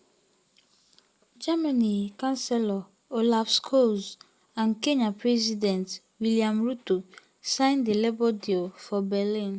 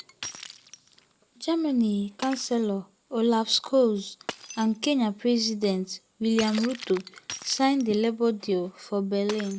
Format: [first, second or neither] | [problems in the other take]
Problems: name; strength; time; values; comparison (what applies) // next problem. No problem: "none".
first | background sound (Shatter); 17 dB below the speech